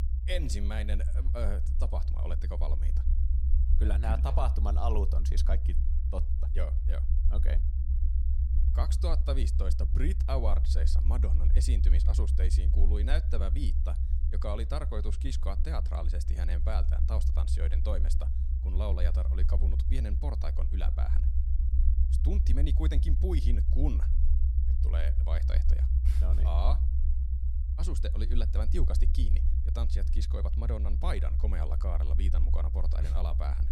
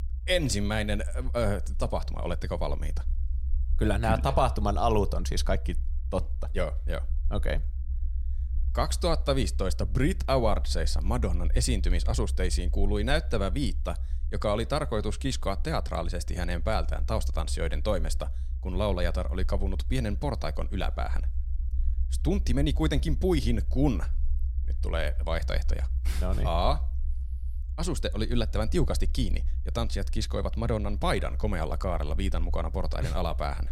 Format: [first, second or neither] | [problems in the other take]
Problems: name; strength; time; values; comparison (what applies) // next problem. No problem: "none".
second | low rumble; loud; throughout; 7 dB below the speech; faint in the second